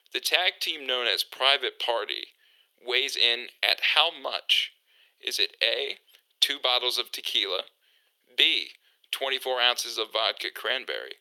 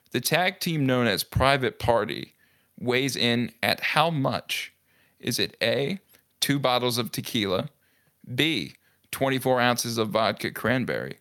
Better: second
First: thin; very; fading below 350 Hz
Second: none

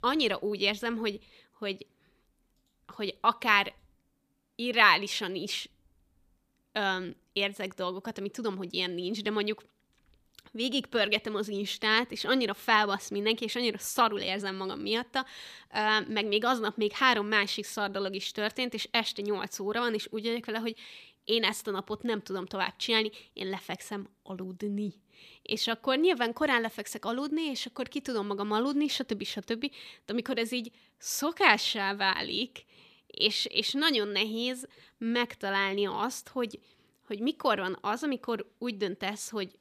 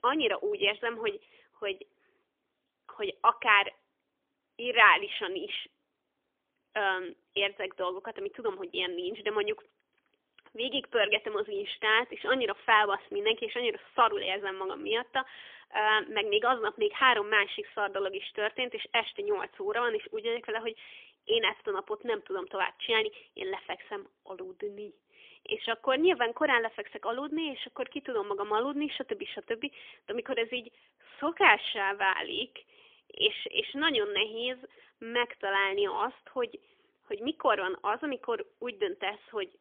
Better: first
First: none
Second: phone-call audio; poor line; nothing above 3.5 kHz

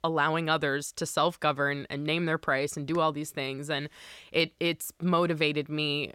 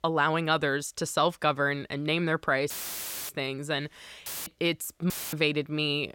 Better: first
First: none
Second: audio cutting out; filled with static; at 2.5 s for 0.5 s, at 4.5 s and at 5 s

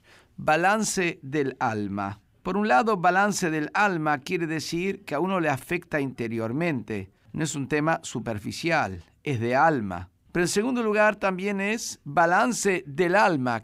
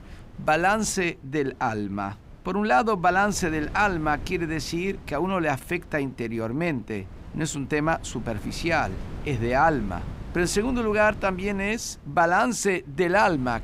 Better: first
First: none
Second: wind noise on the microphone; occasional gusts; 25 dB below the speech

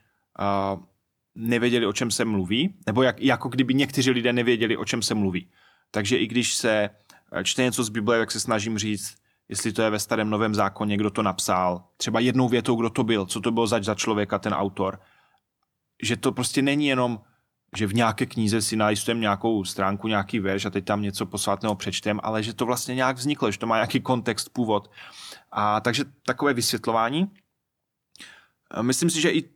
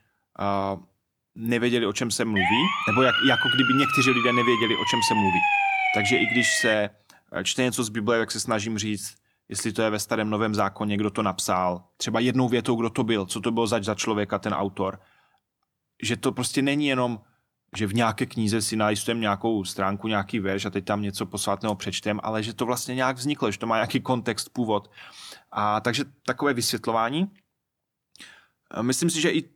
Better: first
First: none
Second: siren; loud; from 2.5 to 6.5 s; peak 5 dB above the speech

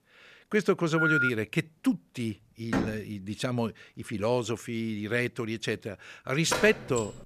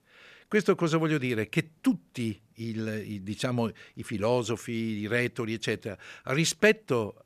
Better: second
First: phone ringing; loud; at 1 s; peak 4 dB above the speech // door banging; noticeable; at 2.5 s and at 6.5 s; peak 2 dB below the speech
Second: none

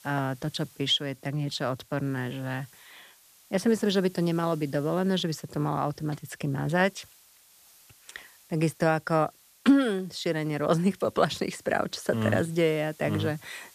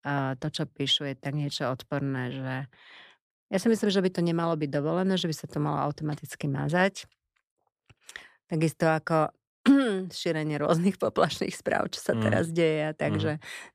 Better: second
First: hiss; faint; throughout; 25 dB below the speech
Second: none

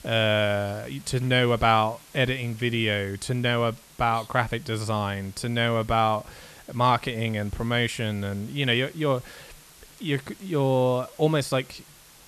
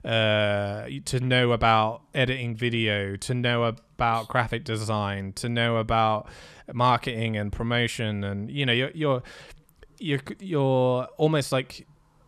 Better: second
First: hiss; faint; throughout; 25 dB below the speech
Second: none

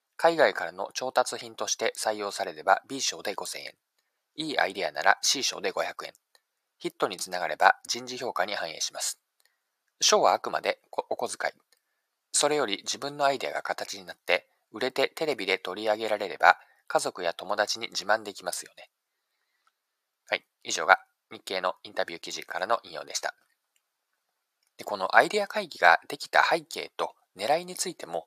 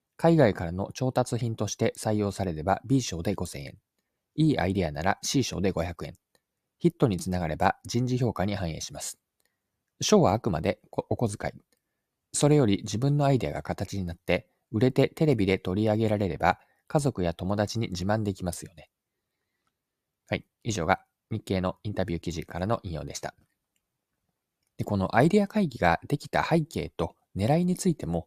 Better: second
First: thin; very; fading below 750 Hz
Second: none

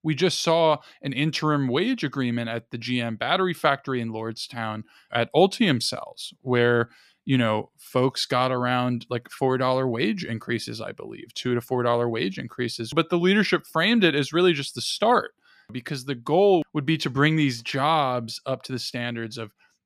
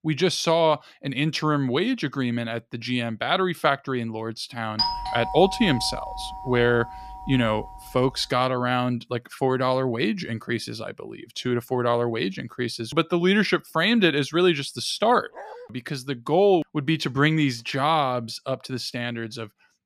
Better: first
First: none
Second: doorbell; noticeable; from 5 to 7.5 s; peak level with the speech // dog barking; faint; at 15 s; peak 15 dB below the speech

